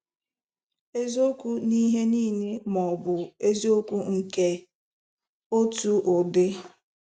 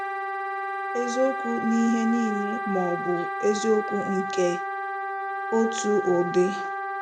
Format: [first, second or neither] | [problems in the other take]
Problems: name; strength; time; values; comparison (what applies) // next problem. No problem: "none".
first | background sound (Wind instrument, woodwind instrument); 4 dB below the speech